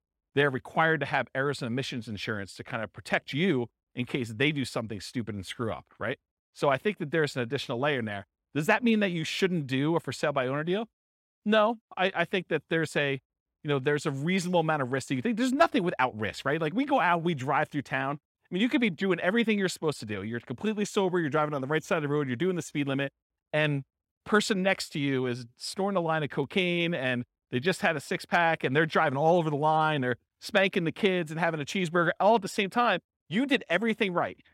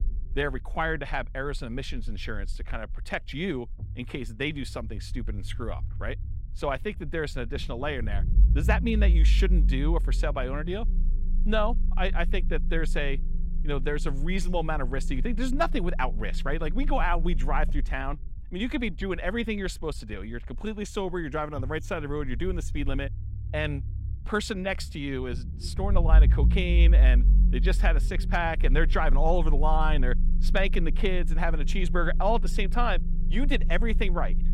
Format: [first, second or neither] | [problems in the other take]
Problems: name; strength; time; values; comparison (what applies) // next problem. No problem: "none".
first | low rumble; noticeable; throughout; 15 dB below the speech